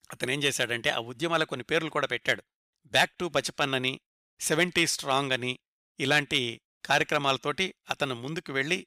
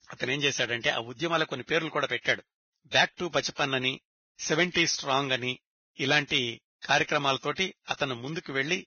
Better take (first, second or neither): first